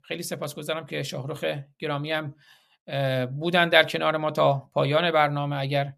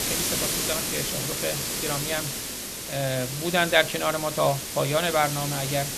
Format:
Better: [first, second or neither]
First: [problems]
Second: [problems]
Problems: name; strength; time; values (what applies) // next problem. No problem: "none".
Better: first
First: none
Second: hiss; loud; throughout; 1 dB below the speech